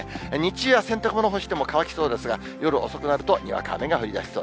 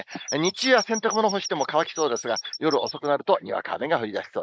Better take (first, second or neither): first